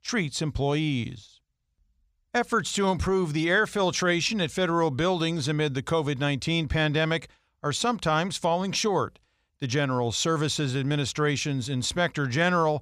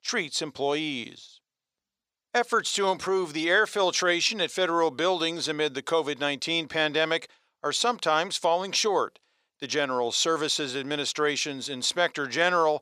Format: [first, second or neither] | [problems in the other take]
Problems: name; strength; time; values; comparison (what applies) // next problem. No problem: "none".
first | thin; somewhat; fading below 450 Hz